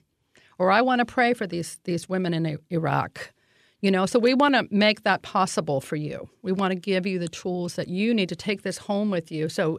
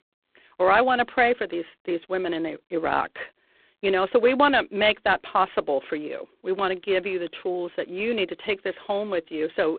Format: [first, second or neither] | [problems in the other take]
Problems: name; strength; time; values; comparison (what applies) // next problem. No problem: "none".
first | phone-call audio; poor line